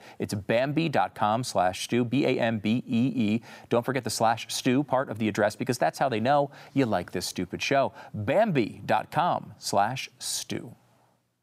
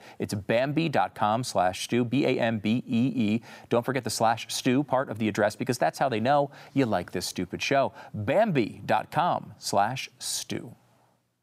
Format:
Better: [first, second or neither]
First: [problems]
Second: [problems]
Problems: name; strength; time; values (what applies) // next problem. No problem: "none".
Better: neither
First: none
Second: none